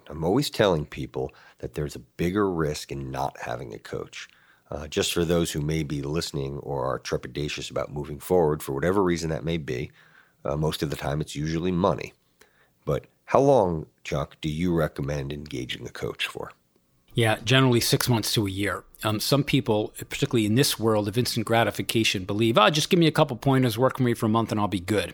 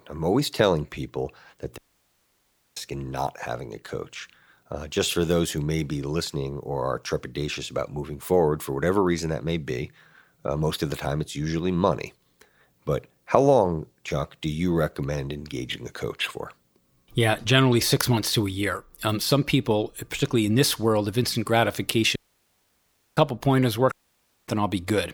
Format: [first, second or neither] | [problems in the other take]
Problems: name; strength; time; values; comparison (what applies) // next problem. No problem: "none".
first | audio cutting out; at 2 s for 1 s, at 22 s for 1 s and at 24 s for 0.5 s